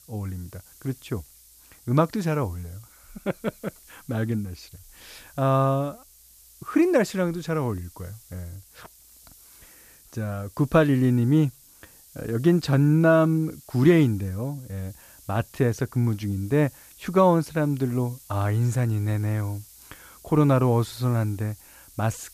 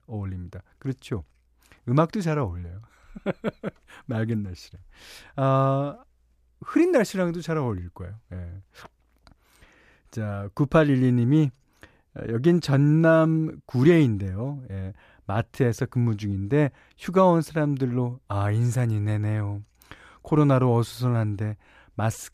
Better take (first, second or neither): second